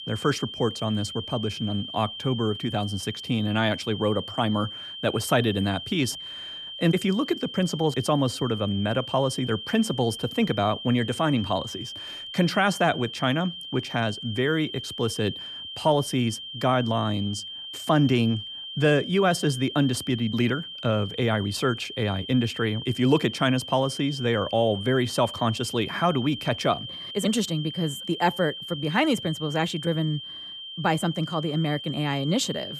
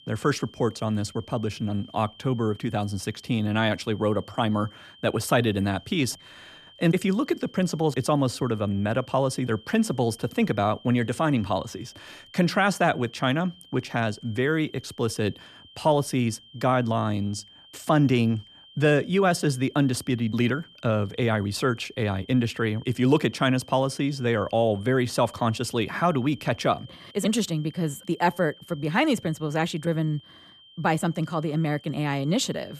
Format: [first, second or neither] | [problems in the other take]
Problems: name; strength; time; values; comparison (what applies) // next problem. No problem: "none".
second | high-pitched whine; loud; throughout; 3 kHz, 9 dB below the speech; faint in the second